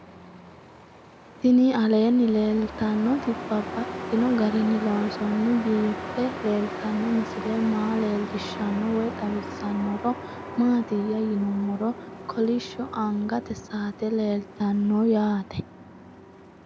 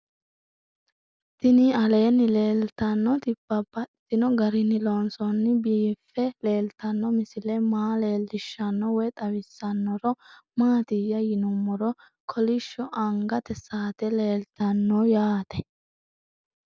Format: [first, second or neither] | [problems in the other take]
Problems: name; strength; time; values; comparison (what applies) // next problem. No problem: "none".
second | background sound (Truck); 11 dB below the speech